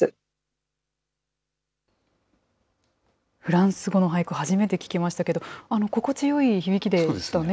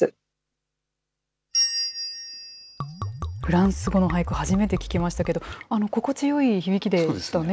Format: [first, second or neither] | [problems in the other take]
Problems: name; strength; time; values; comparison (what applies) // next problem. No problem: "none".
first | background sound (Liquid + Bell); 5 dB below the speech